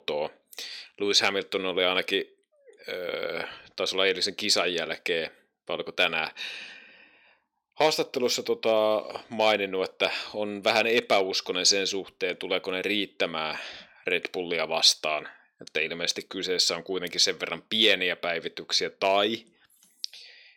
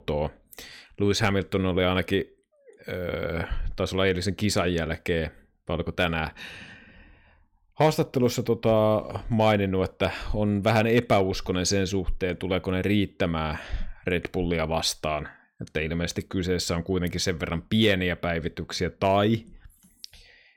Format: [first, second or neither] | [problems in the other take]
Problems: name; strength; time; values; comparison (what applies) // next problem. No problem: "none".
second | thin; somewhat; fading below 400 Hz